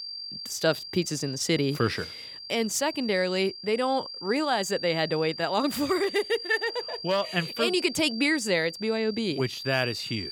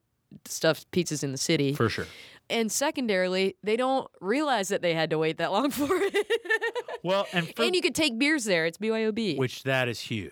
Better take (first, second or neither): second